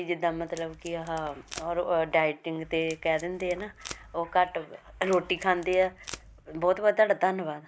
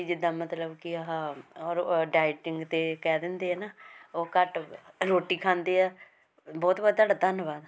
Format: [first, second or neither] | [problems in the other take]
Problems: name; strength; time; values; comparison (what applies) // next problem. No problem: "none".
second | background sound (Packing tape, duct tape); 19 dB below the speech